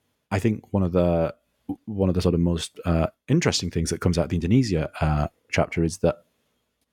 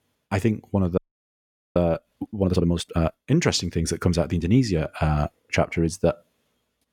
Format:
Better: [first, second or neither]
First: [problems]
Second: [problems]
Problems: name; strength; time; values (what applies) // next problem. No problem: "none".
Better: first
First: none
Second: audio freezing; at 1 s for 1 s